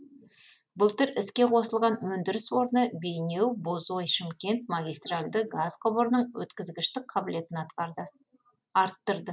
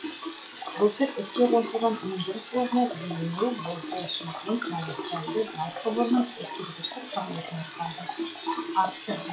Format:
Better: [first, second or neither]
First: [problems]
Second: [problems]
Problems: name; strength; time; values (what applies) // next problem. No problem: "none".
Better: first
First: none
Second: noise reduction (classical method log-MMSE)